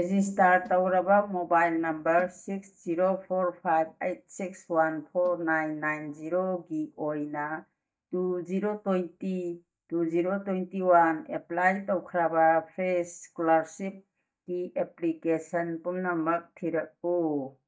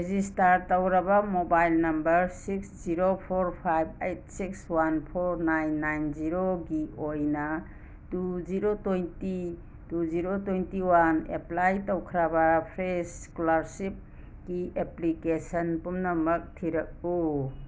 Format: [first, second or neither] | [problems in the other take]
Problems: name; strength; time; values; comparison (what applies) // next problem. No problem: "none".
second | noise reduction (neural mask model DeepFilterNet 3)